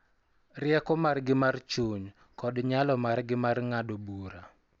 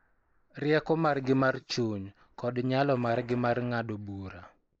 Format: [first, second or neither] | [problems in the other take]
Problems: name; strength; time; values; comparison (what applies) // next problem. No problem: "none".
first | noise reduction (neural mask model Resemble Enhance denoiser)